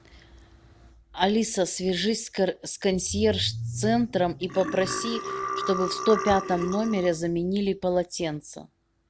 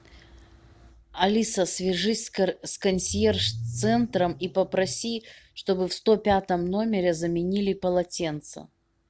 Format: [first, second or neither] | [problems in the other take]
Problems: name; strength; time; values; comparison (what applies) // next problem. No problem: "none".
second | background sound (Burping, eructation); 6 dB below the speech